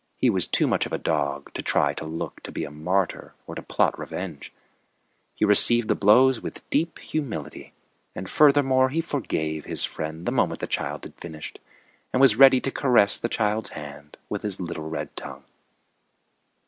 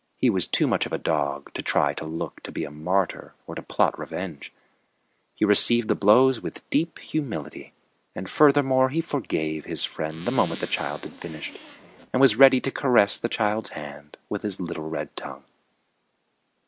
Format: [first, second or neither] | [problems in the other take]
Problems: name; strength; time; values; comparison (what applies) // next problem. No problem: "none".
first | background sound (Zipper (clothing)); 18 dB below the speech